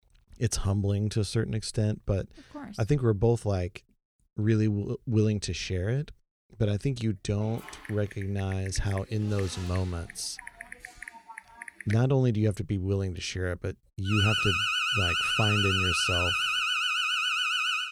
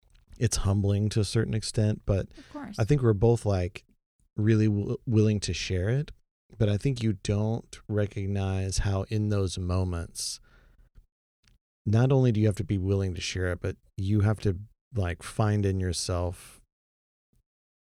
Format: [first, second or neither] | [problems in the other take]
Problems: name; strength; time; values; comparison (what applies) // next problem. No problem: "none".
second | keyboard typing; faint; from 7.5 to 12 s; peak 10 dB below the speech // alarm; loud; from 14 s on; peak 4 dB above the speech